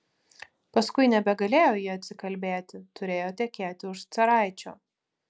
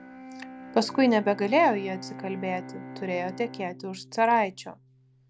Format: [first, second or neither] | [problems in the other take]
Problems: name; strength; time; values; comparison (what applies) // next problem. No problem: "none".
first | background sound (Bowed string instrument); 15 dB below the speech